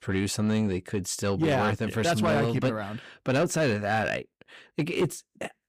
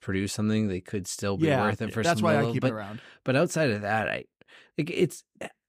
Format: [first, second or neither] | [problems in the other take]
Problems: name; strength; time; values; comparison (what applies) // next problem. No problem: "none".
second | distortion; slight; 10 dB below the speech